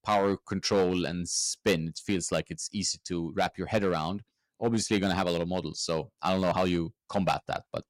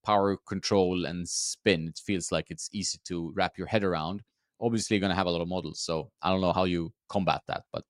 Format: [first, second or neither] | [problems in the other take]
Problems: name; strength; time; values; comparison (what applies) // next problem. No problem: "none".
second | distortion; slight; 3% of the sound clipped